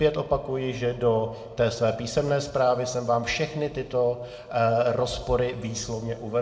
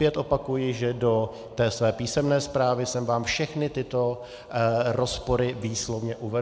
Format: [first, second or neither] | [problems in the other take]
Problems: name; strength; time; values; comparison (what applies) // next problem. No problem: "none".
second | room echo; dies away in 1.2 s